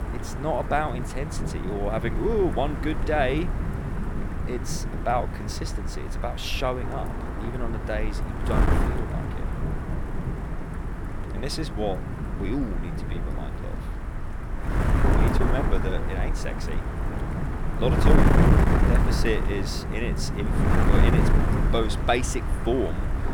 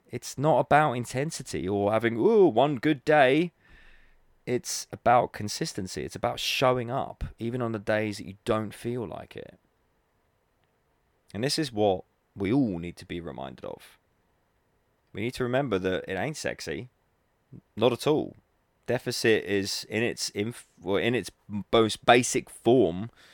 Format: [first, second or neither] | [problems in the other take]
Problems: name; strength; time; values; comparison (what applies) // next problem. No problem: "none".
second | wind noise on the microphone; heavy; 3 dB below the speech